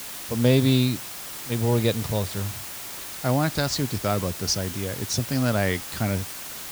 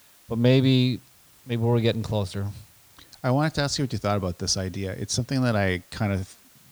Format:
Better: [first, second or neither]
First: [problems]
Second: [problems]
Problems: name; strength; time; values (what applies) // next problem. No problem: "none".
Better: second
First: hiss; loud; throughout; 8 dB below the speech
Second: hiss; faint; throughout; 25 dB below the speech